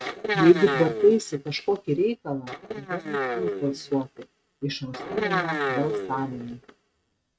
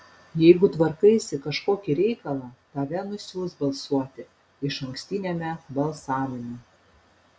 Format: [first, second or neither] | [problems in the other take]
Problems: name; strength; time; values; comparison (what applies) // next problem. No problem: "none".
second | noise reduction (neural mask model RNNoise)